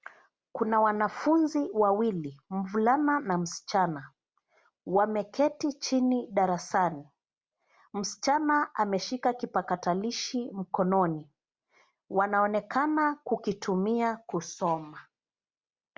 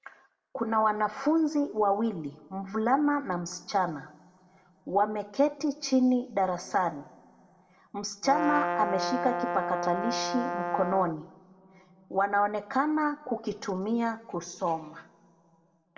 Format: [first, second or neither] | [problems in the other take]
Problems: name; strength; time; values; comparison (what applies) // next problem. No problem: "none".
first | background sound (Brass instrument); 2 dB below the speech // room echo; dies away in 1.2 s